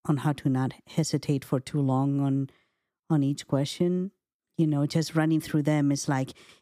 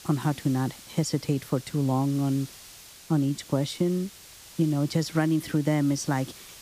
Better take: first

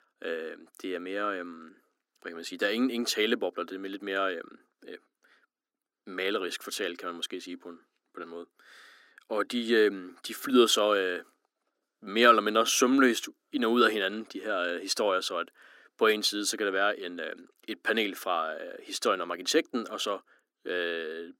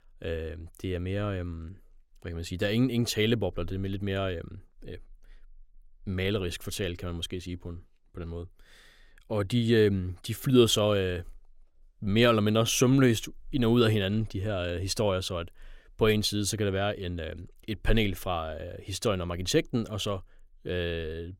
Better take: second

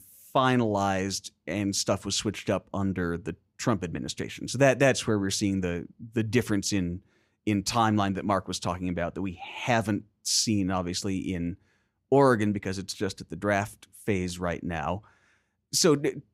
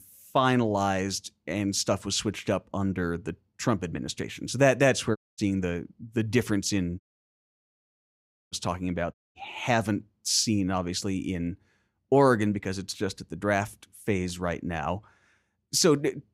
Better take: first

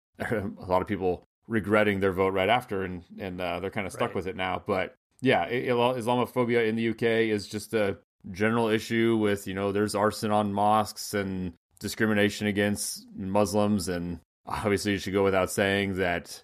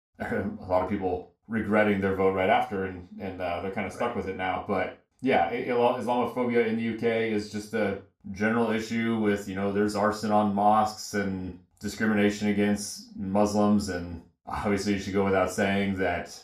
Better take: first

